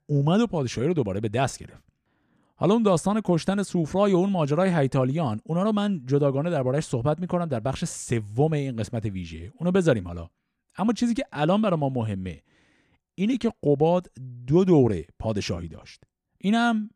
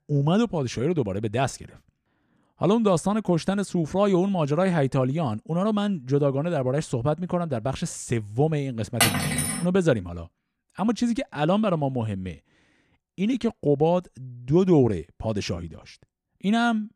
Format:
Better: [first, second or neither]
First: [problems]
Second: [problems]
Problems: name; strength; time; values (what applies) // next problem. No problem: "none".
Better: first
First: none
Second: clattering dishes; loud; at 9 s; peak 3 dB above the speech